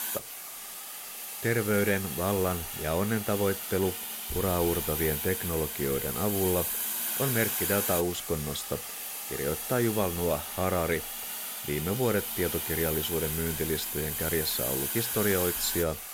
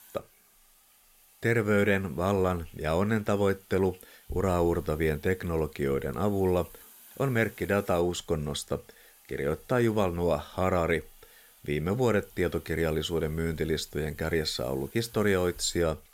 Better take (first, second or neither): second